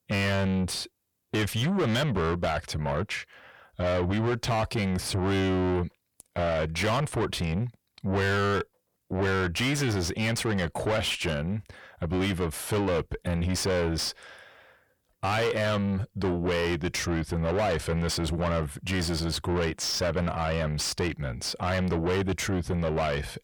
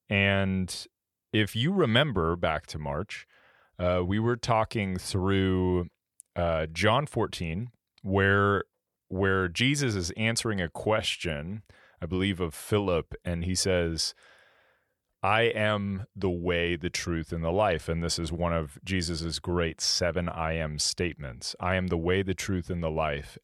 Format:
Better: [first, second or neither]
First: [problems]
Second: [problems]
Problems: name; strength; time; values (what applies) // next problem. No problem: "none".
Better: second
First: distortion; heavy; 6 dB below the speech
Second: none